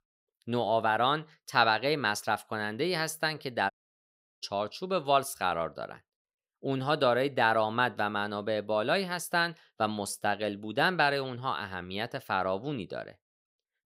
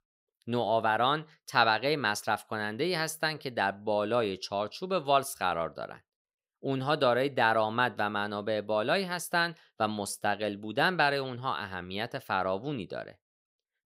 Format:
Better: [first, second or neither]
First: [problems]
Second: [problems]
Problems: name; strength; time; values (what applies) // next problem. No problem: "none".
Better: second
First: audio cutting out; at 3.5 s for 0.5 s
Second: none